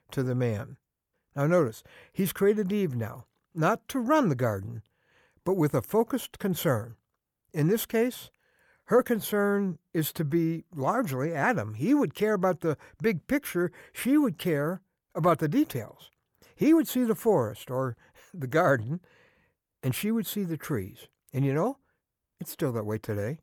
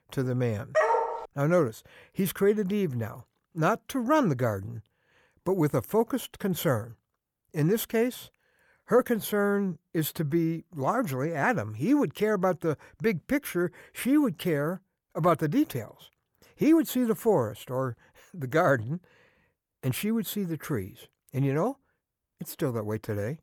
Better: first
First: none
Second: dog barking; loud; at 1 s; peak 3 dB above the speech

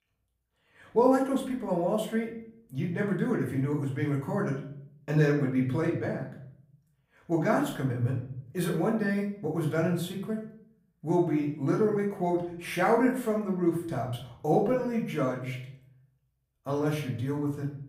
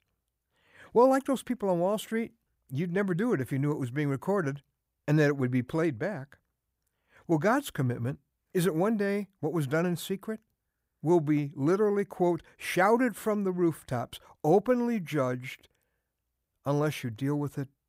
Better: second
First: off-mic speech; far // room echo; slight; dies away in 0.6 s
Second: none

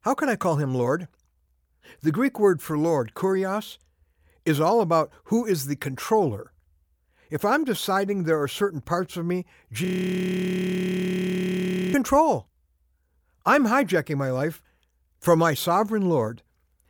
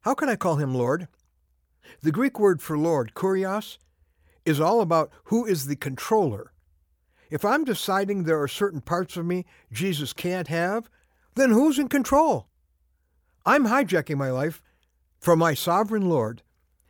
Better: second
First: audio freezing; at 10 s for 2 s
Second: none

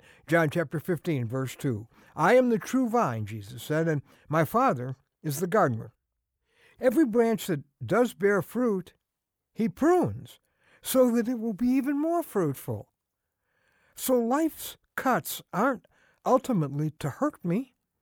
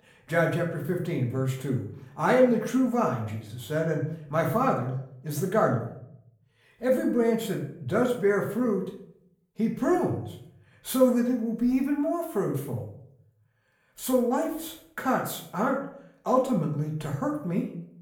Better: first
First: none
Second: room echo; slight; dies away in 0.5 s // off-mic speech; far

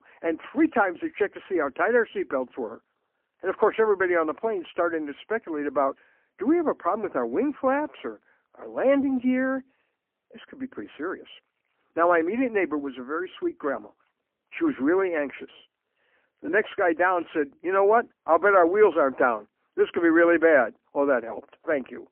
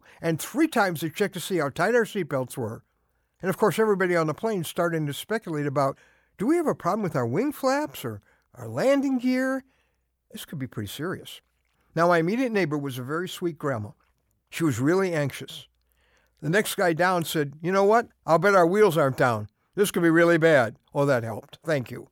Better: second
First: phone-call audio; poor line; nothing above 3 kHz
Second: none

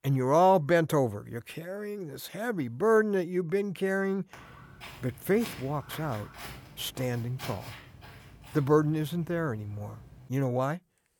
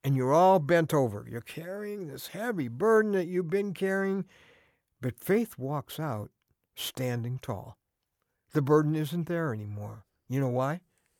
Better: second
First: footsteps; faint; from 4.5 to 10 s; peak 10 dB below the speech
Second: none

